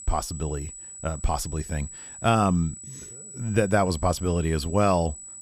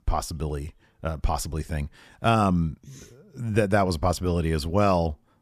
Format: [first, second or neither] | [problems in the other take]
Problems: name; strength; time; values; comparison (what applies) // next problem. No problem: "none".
second | high-pitched whine; noticeable; throughout; 8 kHz, 15 dB below the speech